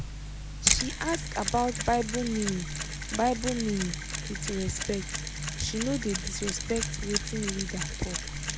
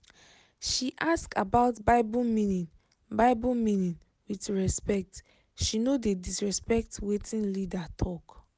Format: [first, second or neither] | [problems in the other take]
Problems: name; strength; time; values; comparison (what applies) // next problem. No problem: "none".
second | background sound (Mechanisms); 1 dB below the speech